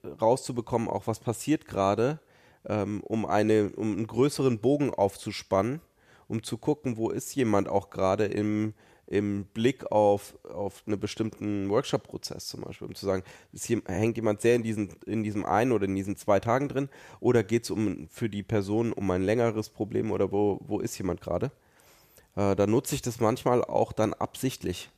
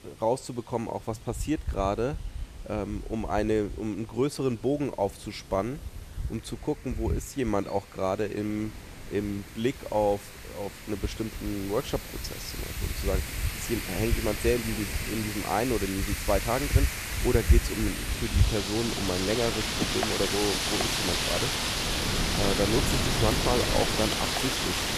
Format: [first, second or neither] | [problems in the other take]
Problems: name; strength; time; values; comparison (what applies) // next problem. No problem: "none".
first | wind in the background; very loud; throughout; 2 dB above the speech